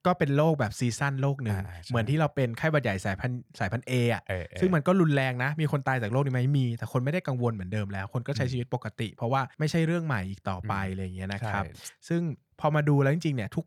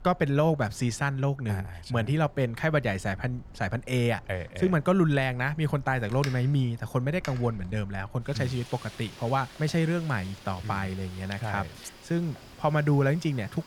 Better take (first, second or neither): first